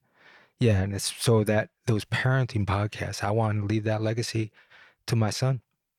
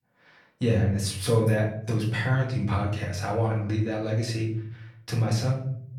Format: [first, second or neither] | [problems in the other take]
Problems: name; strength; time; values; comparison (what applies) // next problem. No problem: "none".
first | off-mic speech; far // room echo; noticeable; dies away in 0.6 s